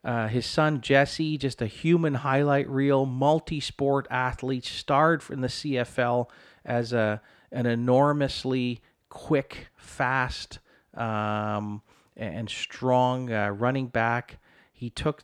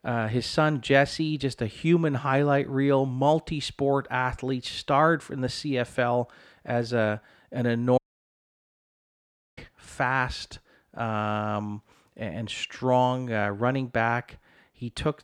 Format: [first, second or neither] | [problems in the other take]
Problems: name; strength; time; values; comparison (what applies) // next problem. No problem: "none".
first | audio cutting out; at 8 s for 1.5 s